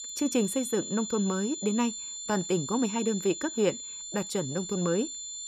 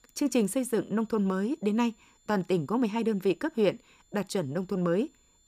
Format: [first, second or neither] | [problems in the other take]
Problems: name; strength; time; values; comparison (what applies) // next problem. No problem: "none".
second | high-pitched whine; loud; throughout; 7 kHz, 6 dB below the speech; faint in the second